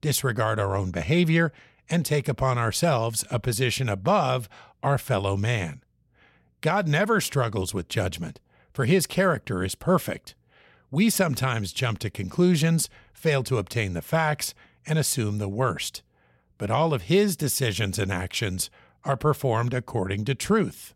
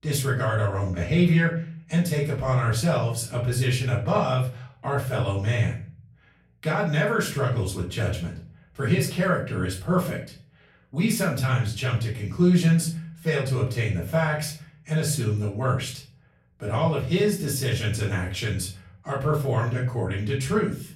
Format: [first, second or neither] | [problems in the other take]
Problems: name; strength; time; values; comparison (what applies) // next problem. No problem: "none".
first | off-mic speech; far // room echo; slight; dies away in 0.4 s